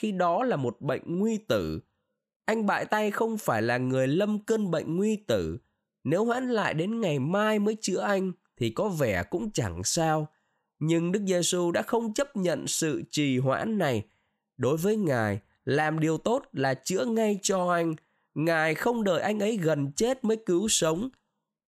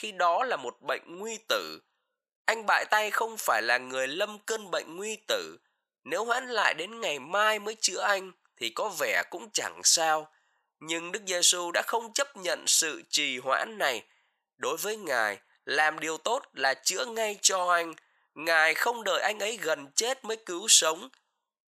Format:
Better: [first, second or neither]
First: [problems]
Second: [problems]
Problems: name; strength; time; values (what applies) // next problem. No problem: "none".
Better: first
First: none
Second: thin; very; fading below 900 Hz